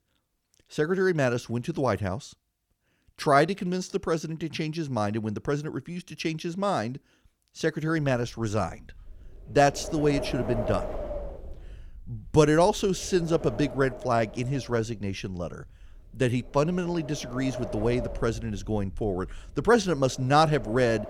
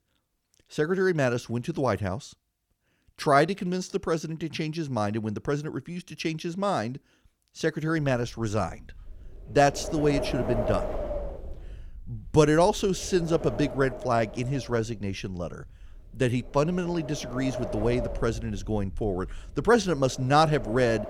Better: first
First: wind noise on the microphone; occasional gusts; from 8 s on; 10 dB below the speech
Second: wind noise on the microphone; heavy; from 8 s on; 8 dB below the speech

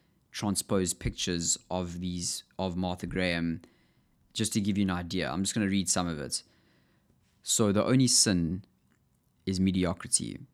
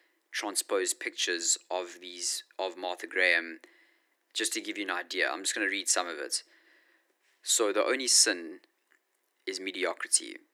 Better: first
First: none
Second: thin; very; fading below 300 Hz

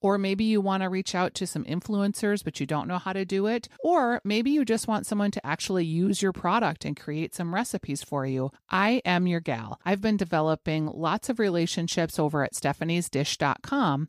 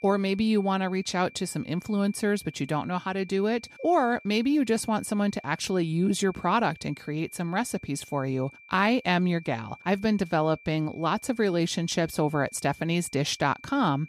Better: first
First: none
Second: high-pitched whine; faint; throughout; 2.5 kHz, 20 dB below the speech

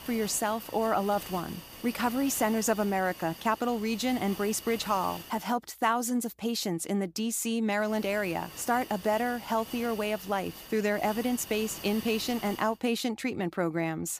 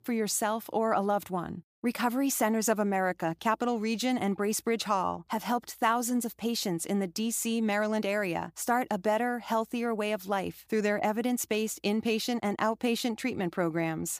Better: second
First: hiss; noticeable; until 5.5 s and from 8 to 13 s; 15 dB below the speech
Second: none

